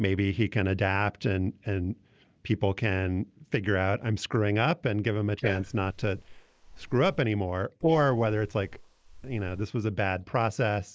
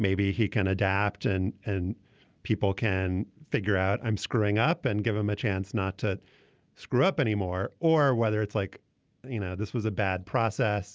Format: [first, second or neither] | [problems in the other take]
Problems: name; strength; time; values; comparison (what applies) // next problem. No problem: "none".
second | noise reduction (neural mask model Resemble Enhance denoiser)